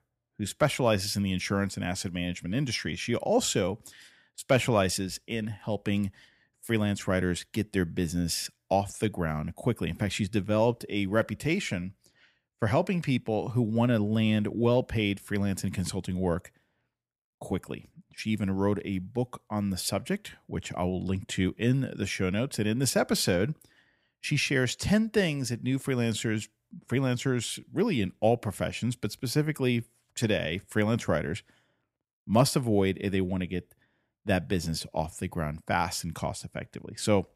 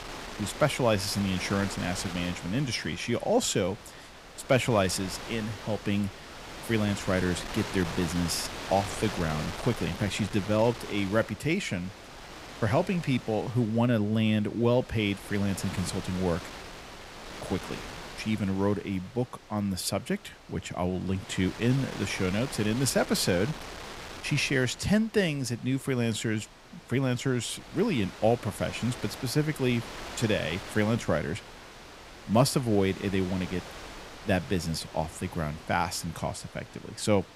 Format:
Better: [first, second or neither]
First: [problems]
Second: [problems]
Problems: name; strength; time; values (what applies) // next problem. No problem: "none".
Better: first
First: none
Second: wind noise on the microphone; heavy; 10 dB below the speech